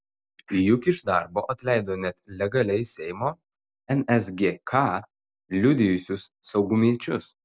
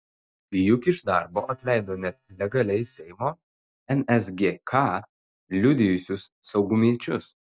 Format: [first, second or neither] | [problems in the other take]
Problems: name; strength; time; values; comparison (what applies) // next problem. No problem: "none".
first | noise reduction (neural mask model DeepFilterNet 3)